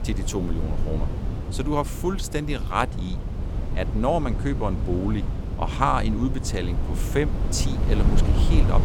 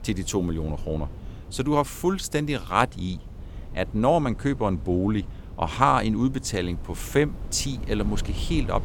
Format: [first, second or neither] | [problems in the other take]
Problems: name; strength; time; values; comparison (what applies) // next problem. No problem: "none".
second | wind noise on the microphone; heavy; 10 dB below the speech; occasional gusts in the second